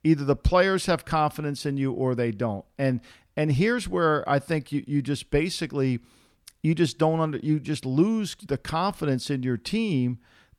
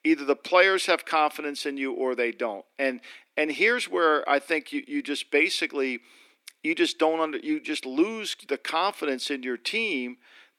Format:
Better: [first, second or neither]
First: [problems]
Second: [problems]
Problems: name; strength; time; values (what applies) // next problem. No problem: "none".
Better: first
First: none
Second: thin; somewhat; fading below 300 Hz